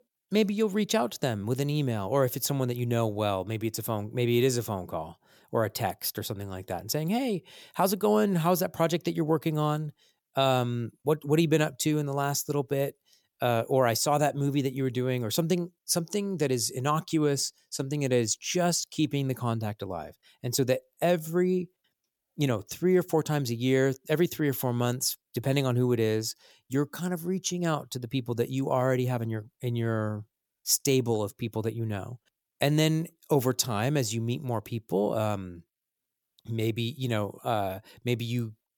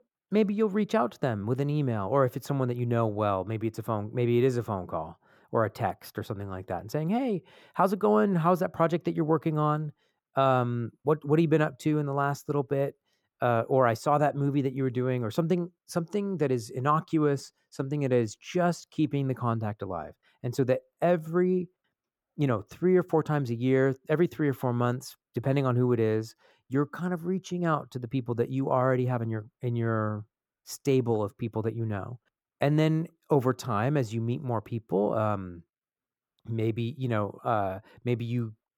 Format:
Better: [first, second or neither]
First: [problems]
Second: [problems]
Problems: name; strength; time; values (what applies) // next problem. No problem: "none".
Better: first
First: none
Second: muffled; very; fading above 3 kHz